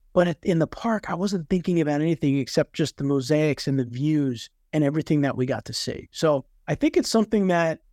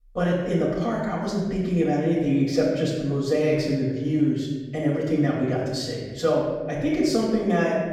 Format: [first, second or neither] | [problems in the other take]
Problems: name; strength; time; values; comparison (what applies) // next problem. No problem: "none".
first | room echo; noticeable; dies away in 1.3 s // off-mic speech; far